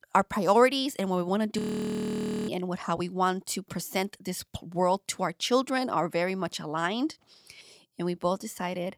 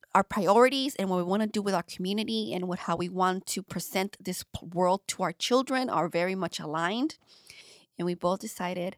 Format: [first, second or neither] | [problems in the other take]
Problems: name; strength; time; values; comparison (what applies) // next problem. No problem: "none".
second | audio freezing; at 1.5 s for 1 s